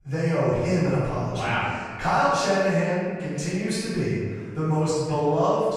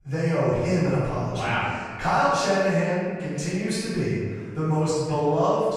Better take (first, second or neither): neither